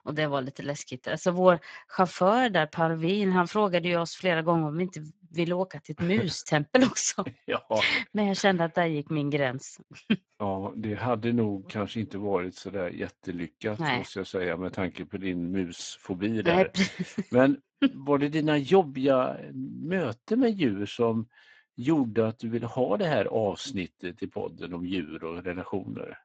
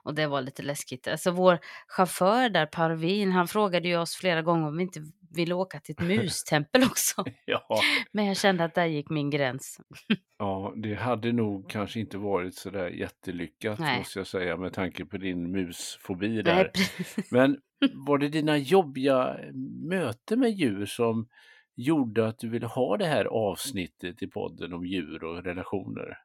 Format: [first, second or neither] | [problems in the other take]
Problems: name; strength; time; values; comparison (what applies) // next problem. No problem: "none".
second | garbled, watery; badly